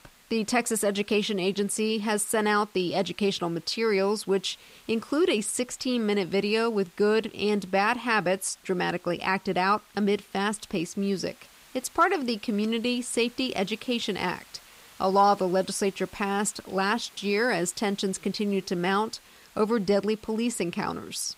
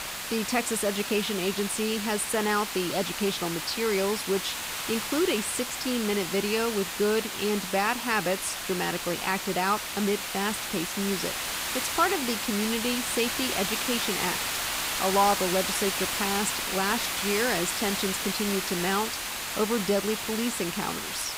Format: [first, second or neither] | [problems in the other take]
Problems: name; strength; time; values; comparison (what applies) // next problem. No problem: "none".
first | hiss; loud; throughout; 1 dB below the speech; faint in the first